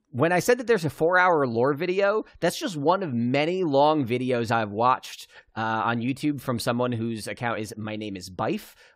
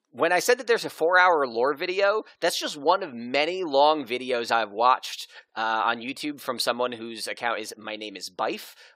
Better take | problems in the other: first | thin; somewhat; fading below 450 Hz

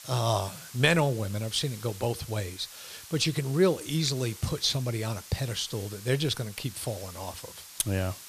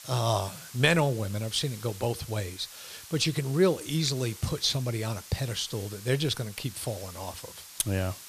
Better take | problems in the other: neither | hiss; noticeable; throughout; 15 dB below the speech; the same in both

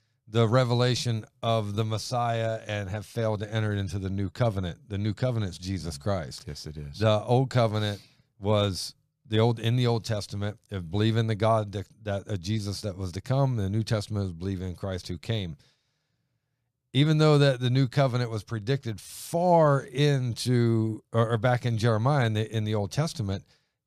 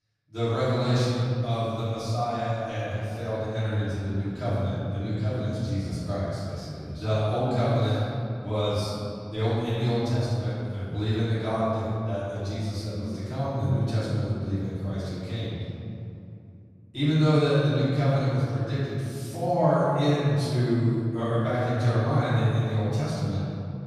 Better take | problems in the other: first | off-mic speech; far // room echo; strong; dies away in 2.6 s

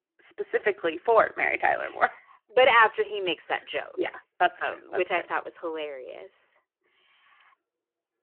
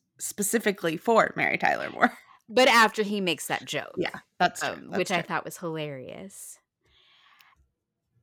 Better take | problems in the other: second | phone-call audio

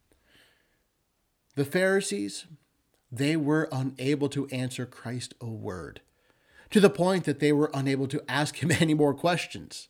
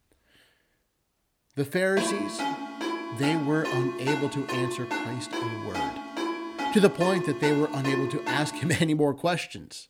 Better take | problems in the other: first | phone ringing; noticeable; from 2 to 8.5 s; peak 2 dB below the speech

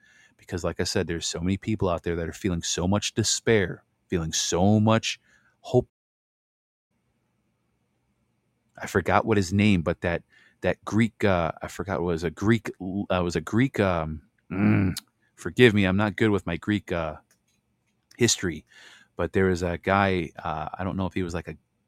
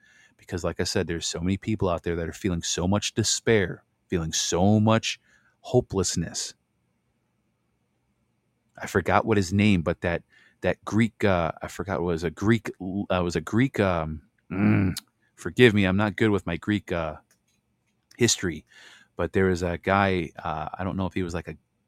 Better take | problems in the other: second | audio cutting out; at 6 s for 1 s

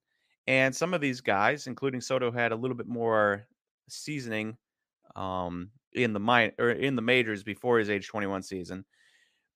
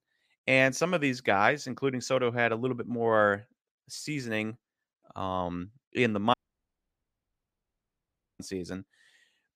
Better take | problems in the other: first | audio cutting out; at 6.5 s for 2 s

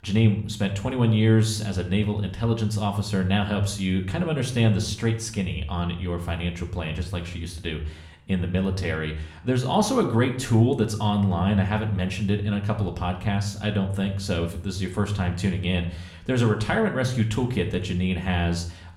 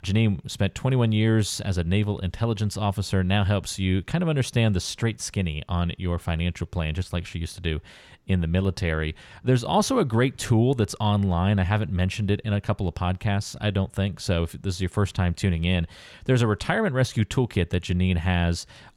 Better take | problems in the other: second | room echo; slight; dies away in 0.5 s

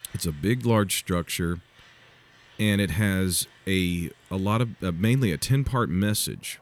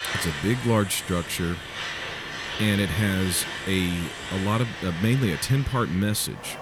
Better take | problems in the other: first | traffic noise; loud; throughout; 7 dB below the speech; faint in the first

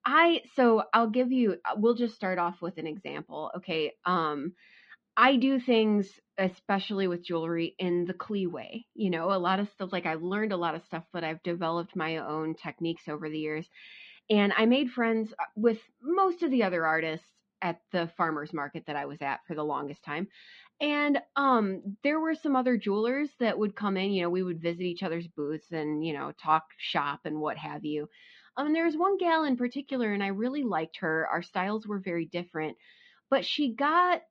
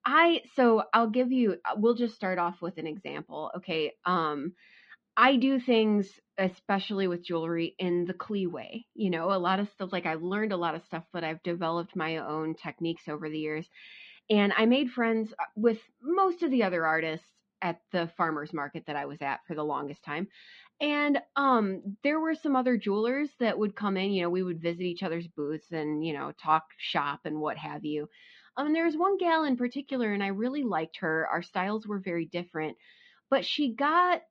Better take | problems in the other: neither | muffled; slightly; fading above 4 kHz; the same in both

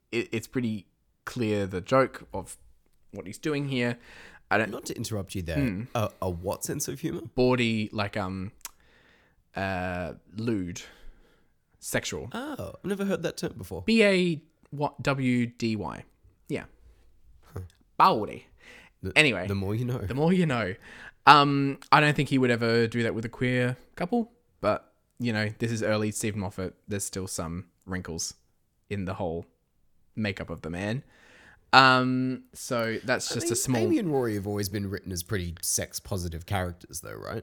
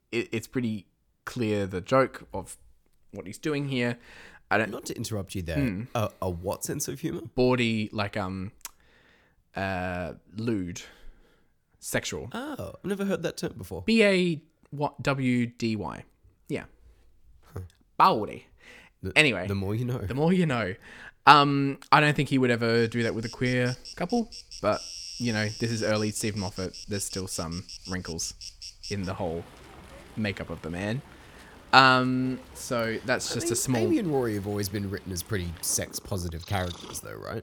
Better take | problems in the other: first | animal sounds; noticeable; from 23 s on; 15 dB below the speech

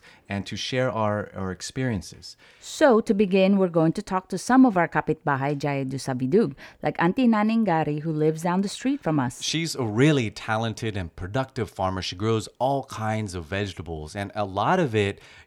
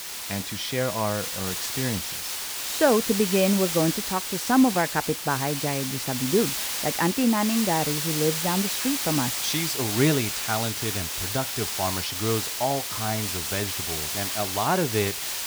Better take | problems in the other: first | hiss; loud; throughout; 1 dB below the speech

